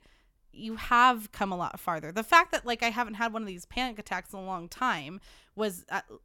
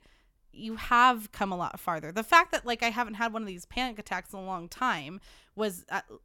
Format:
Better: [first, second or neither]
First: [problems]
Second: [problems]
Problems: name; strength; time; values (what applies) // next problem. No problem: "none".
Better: neither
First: none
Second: none